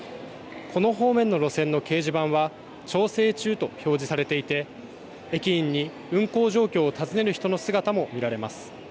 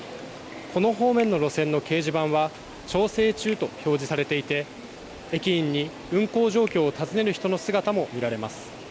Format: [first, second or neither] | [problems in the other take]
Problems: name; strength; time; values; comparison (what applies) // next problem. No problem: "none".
first | background sound (Finger snapping + Rain); 20 dB below the speech